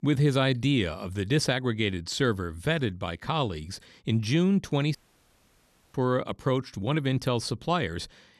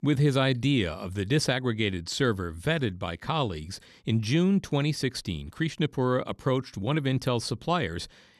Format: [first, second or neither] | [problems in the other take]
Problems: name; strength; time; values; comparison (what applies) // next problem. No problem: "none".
second | audio cutting out; at 5 s for 1 s